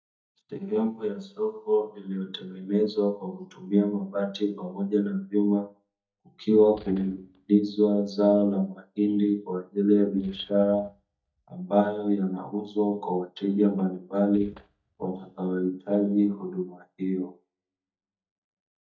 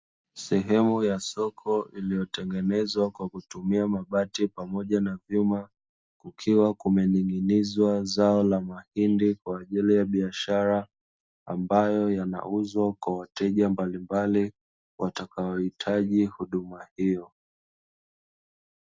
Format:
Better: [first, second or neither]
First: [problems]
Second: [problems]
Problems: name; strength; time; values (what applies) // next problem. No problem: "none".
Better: second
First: noise reduction (neural mask model DeepFilterNet 3)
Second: none